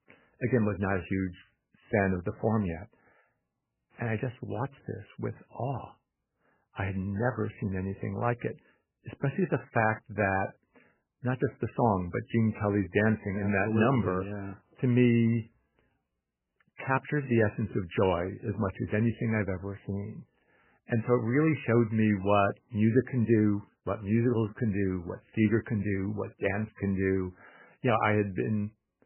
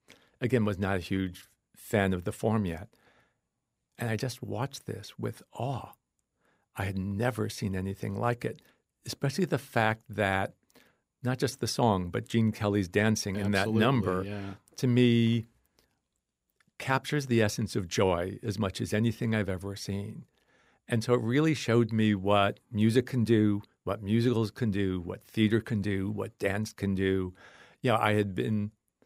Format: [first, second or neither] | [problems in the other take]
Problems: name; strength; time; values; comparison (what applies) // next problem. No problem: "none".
second | garbled, watery; badly; nothing above 3 kHz